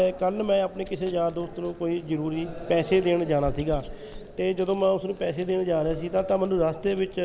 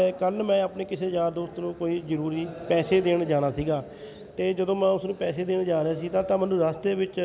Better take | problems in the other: second | background sound (Chewing, mastication); 16 dB below the speech

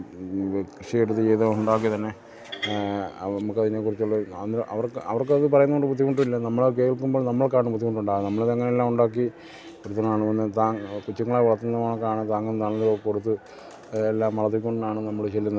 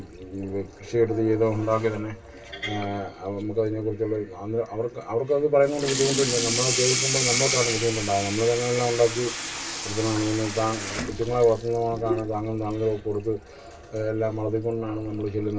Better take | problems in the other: first | background sound (Sink (filling or washing) / Water tap, faucet); 6 dB below the speech // room echo; dies away in 0.1 s

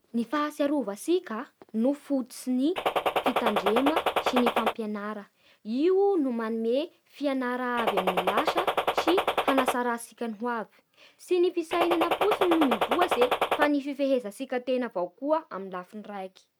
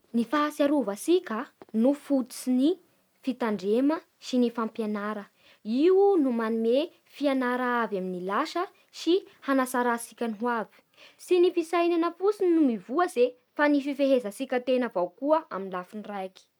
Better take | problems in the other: second | background sound (Gunshot, gunfire); 2 dB above the speech

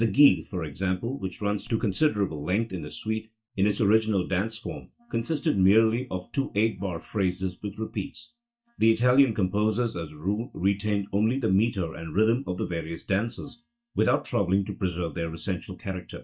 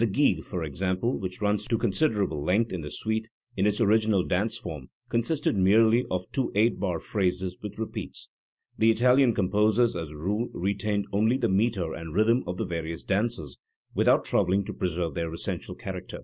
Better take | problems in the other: second | noise reduction (neural mask model DeepFilterNet 3)

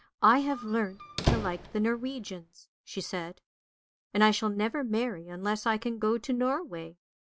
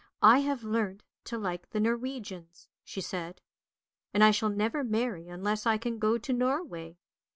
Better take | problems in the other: second | background sound (Squeak); 5 dB below the speech

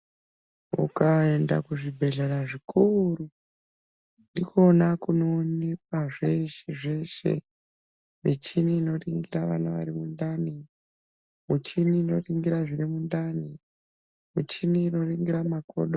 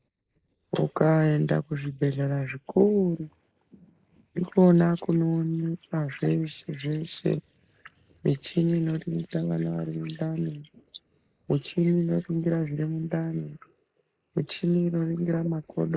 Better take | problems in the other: first | noise reduction (neural mask model Resemble Enhance denoiser)

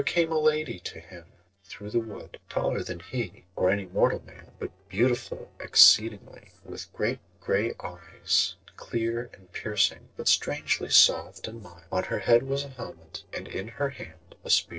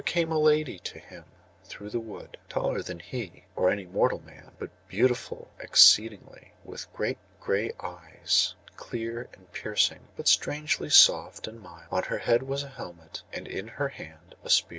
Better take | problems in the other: second | noise reduction (neural separator model SepFormer DNS4)

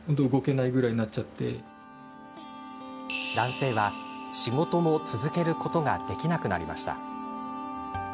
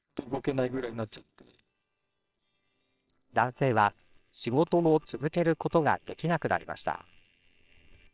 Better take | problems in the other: first | noise reduction (neural separator model SepFormer WHAMR!)

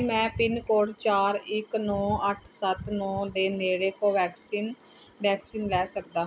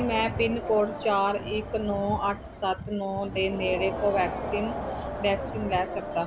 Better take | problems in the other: first | background sound (Crowd); 7 dB below the speech

